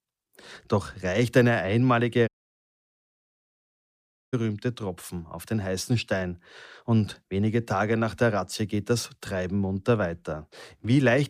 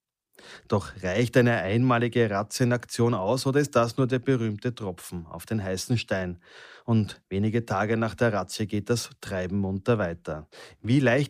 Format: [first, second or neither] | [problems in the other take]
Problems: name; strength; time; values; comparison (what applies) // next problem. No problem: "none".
second | audio cutting out; at 2.5 s for 2 s